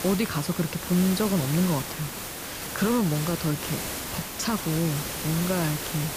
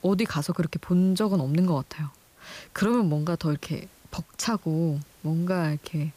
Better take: second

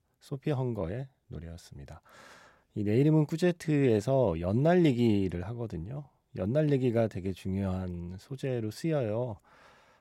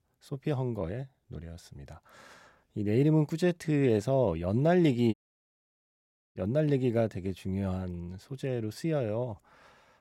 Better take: first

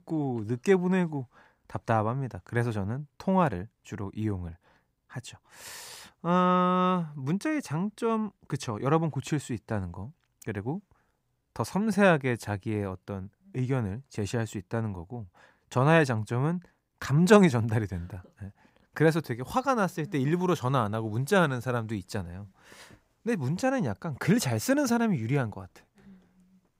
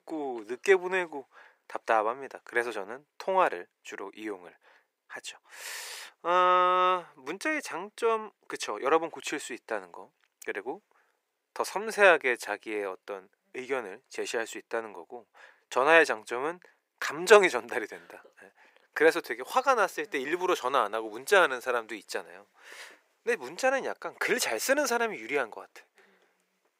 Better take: first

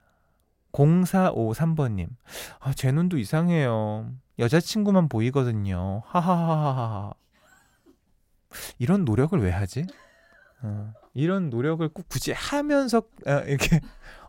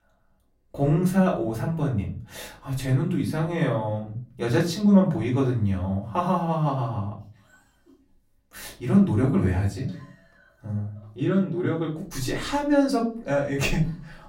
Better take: first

